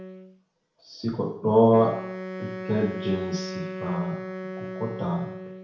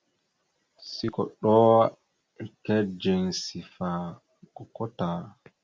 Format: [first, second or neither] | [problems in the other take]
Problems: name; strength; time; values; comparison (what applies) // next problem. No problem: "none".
second | background sound (Wind instrument, woodwind instrument); 10 dB below the speech // room echo; dies away in 0.6 s